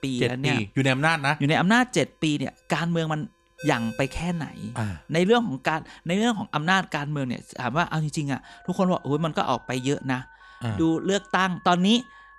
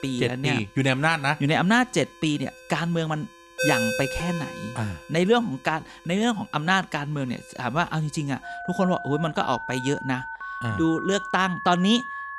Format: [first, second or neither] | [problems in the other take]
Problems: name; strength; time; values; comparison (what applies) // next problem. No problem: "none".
first | alarms or sirens; loud; throughout; 7 dB below the speech; faint in the first